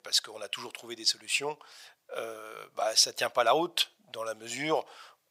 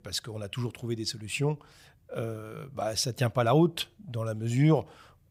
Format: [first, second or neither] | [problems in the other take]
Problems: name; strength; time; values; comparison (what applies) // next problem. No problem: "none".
second | thin; very; fading below 700 Hz